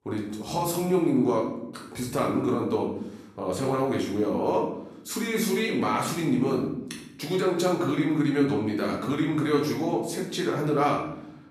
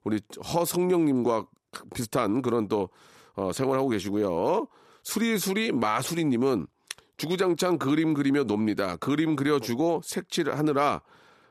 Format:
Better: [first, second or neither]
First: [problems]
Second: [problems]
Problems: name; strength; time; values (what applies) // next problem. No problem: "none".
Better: second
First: room echo; noticeable; dies away in 0.7 s // off-mic speech; far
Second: none